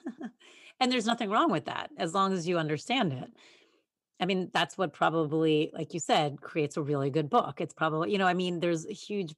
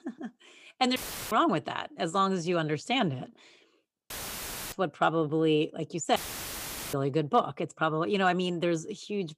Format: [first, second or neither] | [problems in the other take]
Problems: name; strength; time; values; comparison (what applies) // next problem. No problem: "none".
first | audio cutting out; filled with static; at 1 s, at 4 s for 0.5 s and at 6 s for 1 s